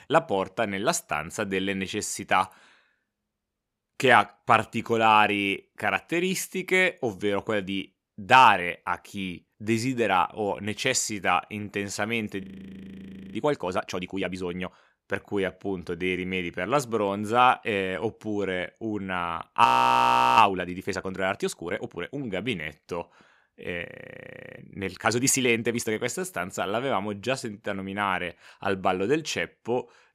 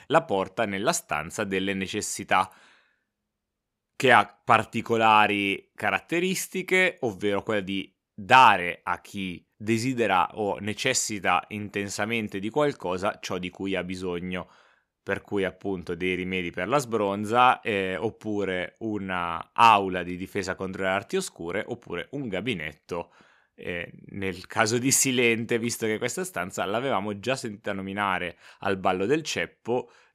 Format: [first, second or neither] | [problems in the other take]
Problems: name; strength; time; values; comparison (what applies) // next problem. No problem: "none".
second | audio freezing; at 12 s for 1 s, at 20 s for 0.5 s and at 24 s for 0.5 s